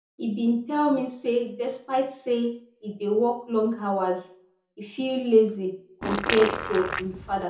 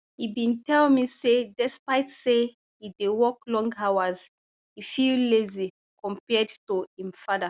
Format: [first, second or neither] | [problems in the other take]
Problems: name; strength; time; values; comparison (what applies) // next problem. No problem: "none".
second | background sound (Fart); 4 dB below the speech // room echo; dies away in 0.5 s